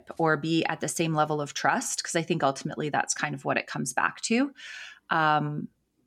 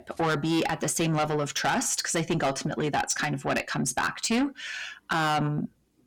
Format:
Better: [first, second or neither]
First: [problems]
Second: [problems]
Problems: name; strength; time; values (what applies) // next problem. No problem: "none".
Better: first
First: none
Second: distortion; heavy; 6 dB below the speech